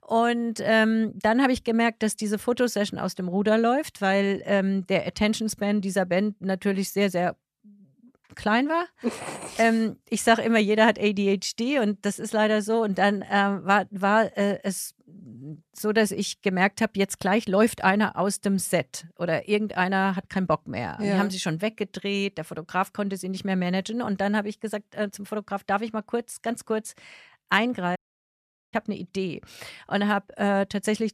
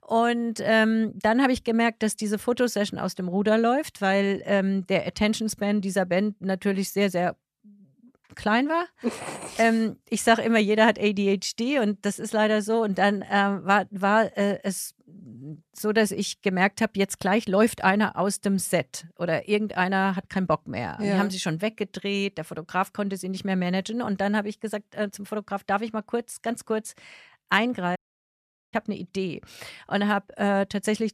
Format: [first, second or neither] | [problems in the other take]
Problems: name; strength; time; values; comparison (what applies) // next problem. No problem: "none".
neither | audio cutting out; at 28 s for 1 s; the same in both